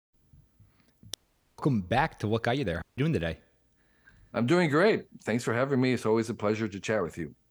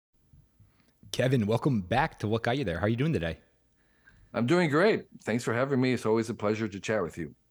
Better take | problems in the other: second | audio cutting out; at 1 s and at 3 s

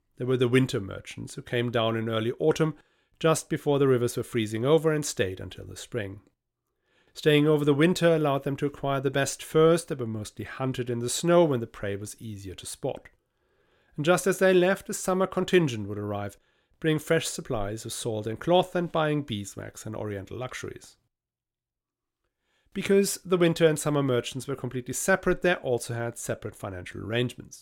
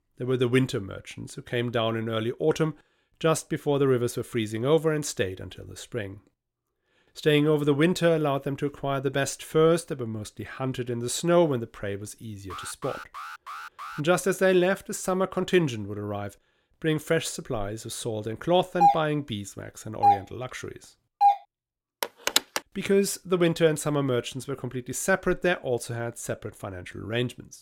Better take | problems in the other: first | alarm; faint; from 13 to 14 s; peak 10 dB below the speech // doorbell; loud; from 19 to 21 s; peak 5 dB above the speech // phone ringing; loud; at 22 s; peak 2 dB above the speech

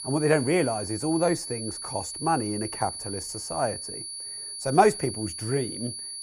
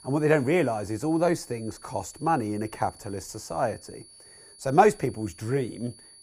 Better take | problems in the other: second | high-pitched whine; loud; throughout; 10.5 kHz, 7 dB below the speech; faint in the second

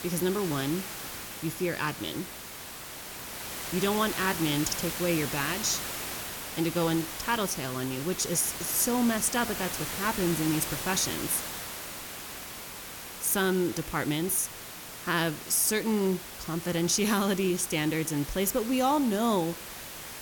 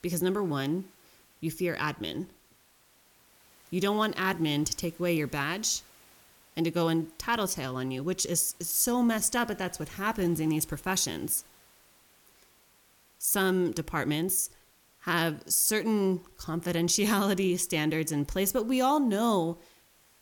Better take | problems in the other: second | hiss; loud; throughout; 8 dB below the speech; faint in the second

